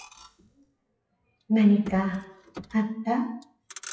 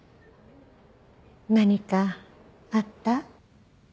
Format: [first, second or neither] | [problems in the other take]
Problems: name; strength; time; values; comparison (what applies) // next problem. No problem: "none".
second | noise reduction (classical method WPE with log-MMSE)